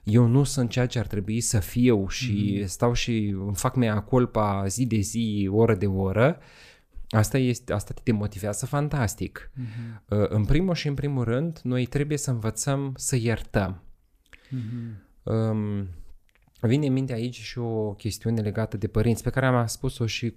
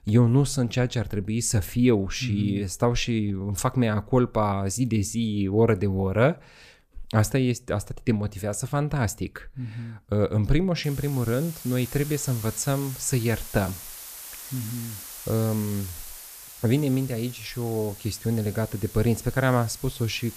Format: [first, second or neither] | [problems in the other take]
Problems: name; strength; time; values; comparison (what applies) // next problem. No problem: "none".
first | hiss; noticeable; from 11 s on; 15 dB below the speech